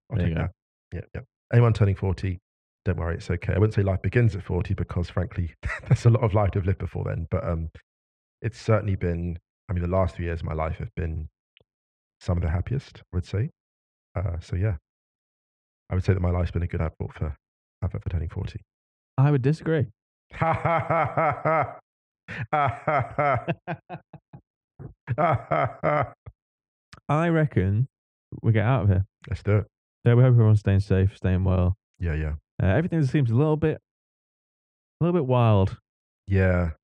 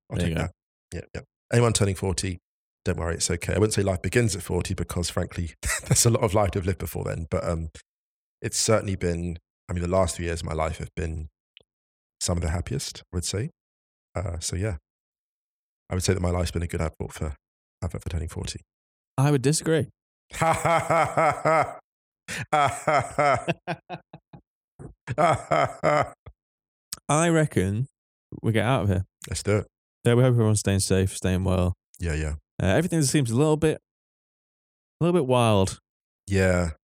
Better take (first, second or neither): second